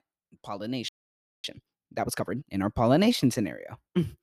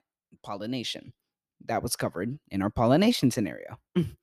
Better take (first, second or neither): second